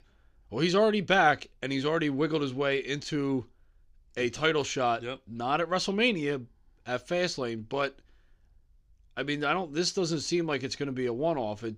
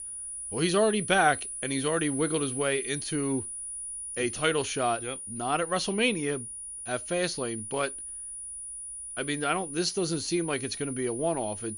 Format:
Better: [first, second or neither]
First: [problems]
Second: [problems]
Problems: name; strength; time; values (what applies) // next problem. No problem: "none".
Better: first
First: none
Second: high-pitched whine; loud; throughout; 10 kHz, 6 dB below the speech